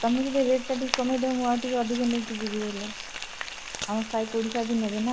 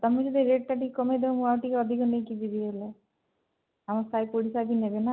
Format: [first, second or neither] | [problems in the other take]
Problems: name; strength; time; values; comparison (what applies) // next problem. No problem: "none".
second | background sound (Frying (food)); 9 dB below the speech